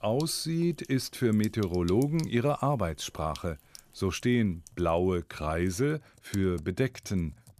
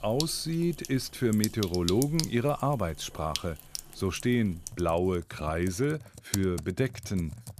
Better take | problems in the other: first | household noises; loud; throughout; 9 dB below the speech; faint in the first

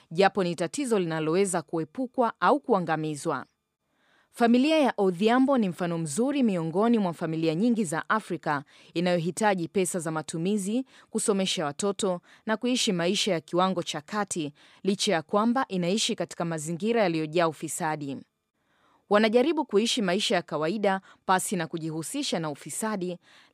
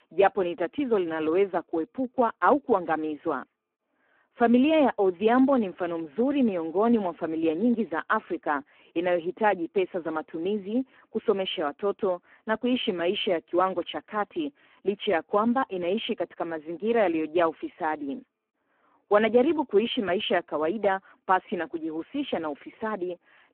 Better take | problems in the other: first | phone-call audio; poor line

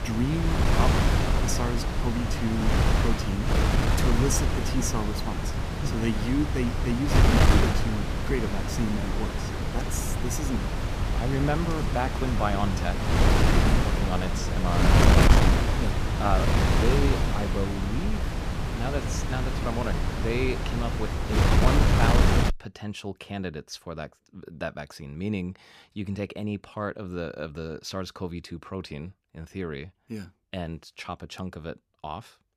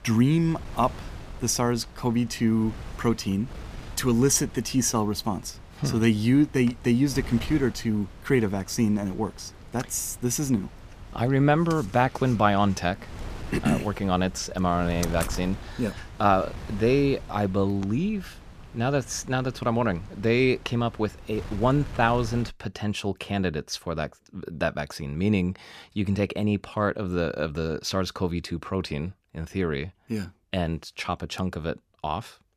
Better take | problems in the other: second | wind noise on the microphone; heavy; until 23 s; 4 dB above the speech; occasional gusts in the second

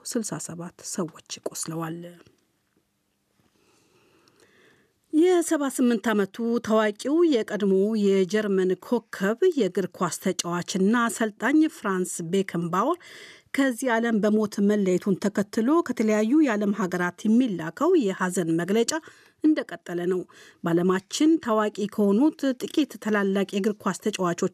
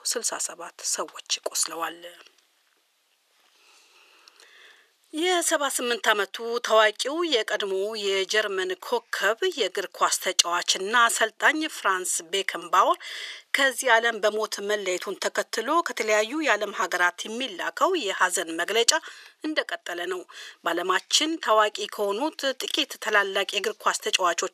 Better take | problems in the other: first | thin; very; fading below 550 Hz

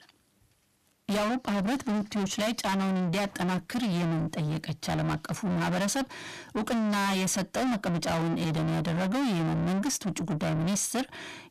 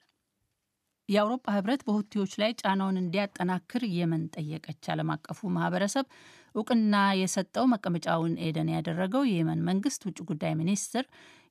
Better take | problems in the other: second | distortion; heavy; 6 dB below the speech

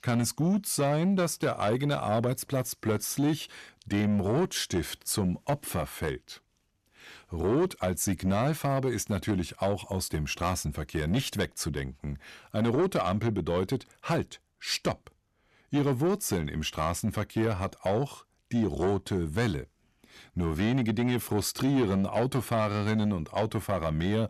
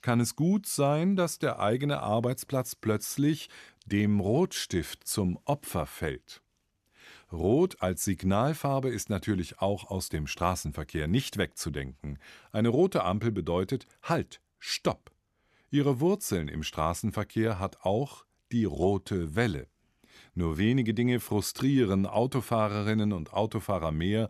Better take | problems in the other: second | distortion; slight; 10 dB below the speech

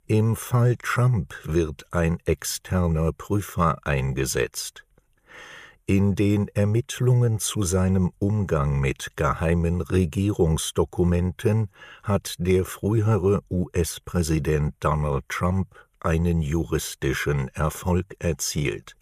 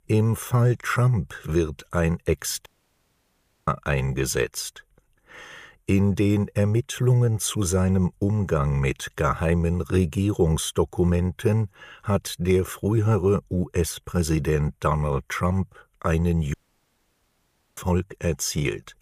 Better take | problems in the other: first | audio cutting out; at 2.5 s for 1 s and at 17 s for 1 s

